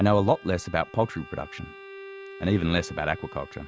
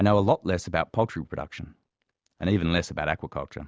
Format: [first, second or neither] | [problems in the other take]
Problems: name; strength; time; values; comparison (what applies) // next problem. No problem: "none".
second | background sound (Bowed string instrument); 17 dB below the speech